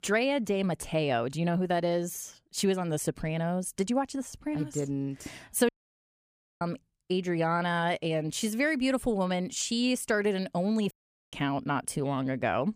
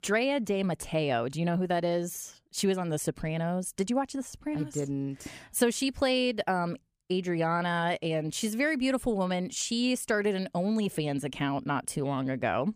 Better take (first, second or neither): second